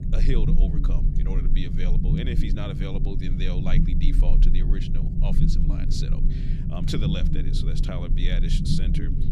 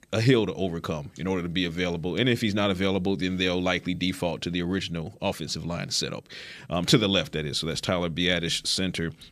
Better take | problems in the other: second | low rumble; loud; throughout; 1 dB below the speech

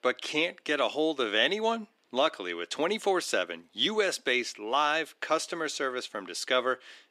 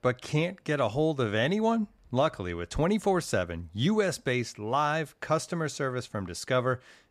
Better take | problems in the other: second | thin; somewhat; fading below 300 Hz

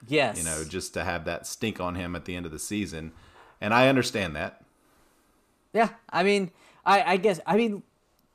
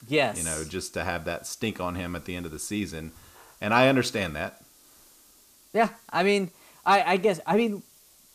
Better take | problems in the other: first | hiss; faint; throughout; 25 dB below the speech

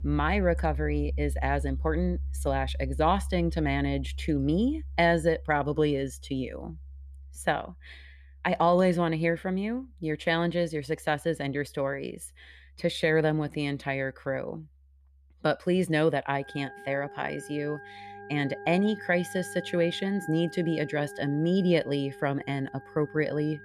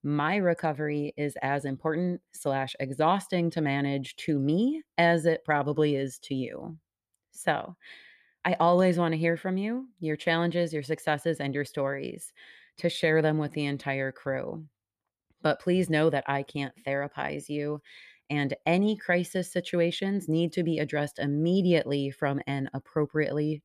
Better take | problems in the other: second | background music; noticeable; throughout; 10 dB below the speech

